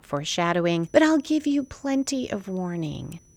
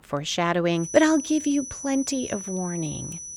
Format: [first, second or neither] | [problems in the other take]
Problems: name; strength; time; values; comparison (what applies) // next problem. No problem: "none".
first | high-pitched whine; loud; from 1 s on; 6 kHz, 10 dB below the speech; faint in the first